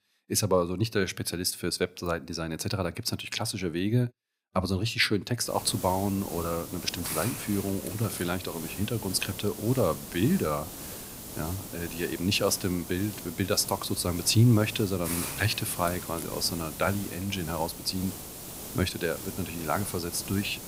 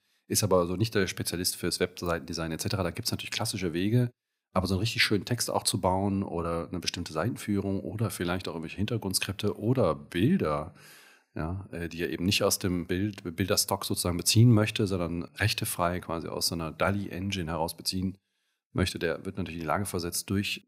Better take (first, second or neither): second